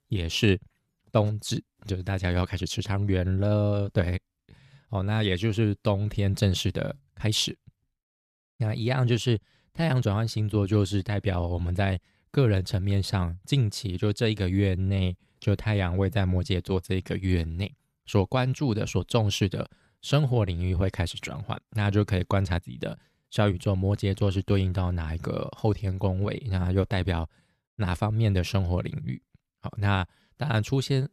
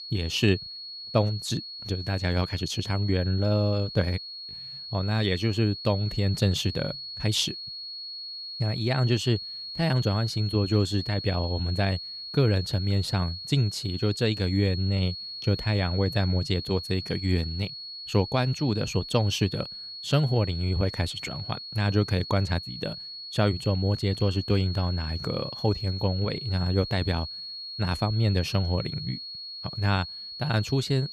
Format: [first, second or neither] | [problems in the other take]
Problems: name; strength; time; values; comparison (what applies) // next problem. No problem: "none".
first | high-pitched whine; loud; throughout; 4.5 kHz, 8 dB below the speech